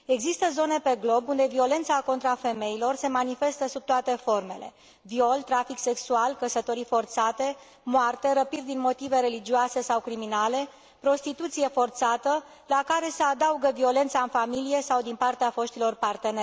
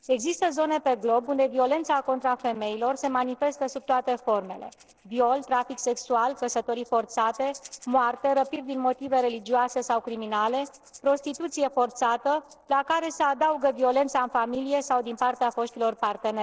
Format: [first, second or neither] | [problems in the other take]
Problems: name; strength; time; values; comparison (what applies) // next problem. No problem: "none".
first | noise reduction (neural separator model SepFormer DNS4)